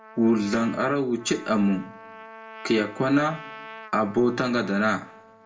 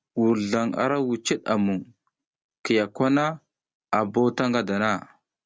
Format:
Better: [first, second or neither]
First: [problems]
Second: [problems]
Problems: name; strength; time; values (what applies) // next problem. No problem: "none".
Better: second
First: background sound (Trumpet); 18 dB below the speech // room echo; dies away in 0.4 s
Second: none